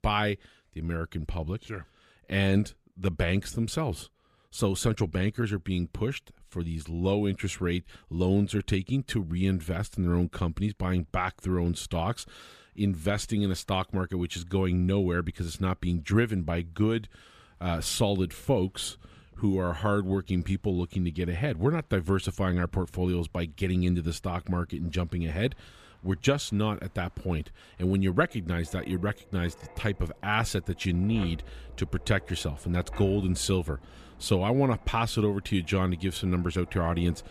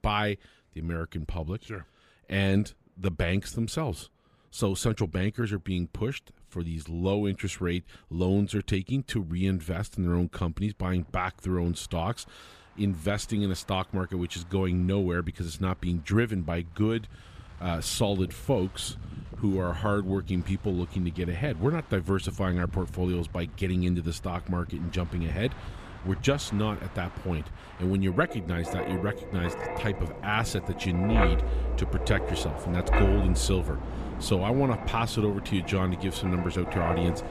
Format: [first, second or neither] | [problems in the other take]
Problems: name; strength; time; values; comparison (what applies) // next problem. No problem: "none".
first | wind in the background; loud; throughout; 6 dB below the speech; faint in the first